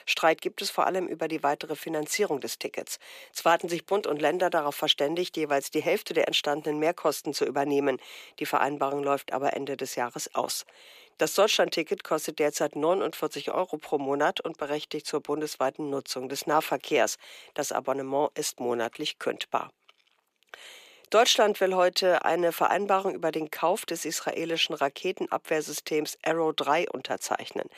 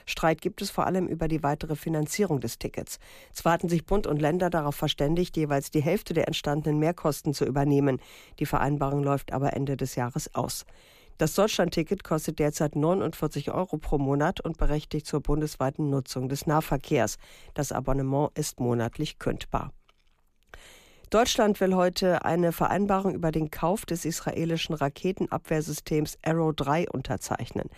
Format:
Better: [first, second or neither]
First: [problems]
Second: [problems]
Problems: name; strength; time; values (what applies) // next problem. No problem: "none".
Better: second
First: thin; somewhat; fading below 450 Hz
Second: none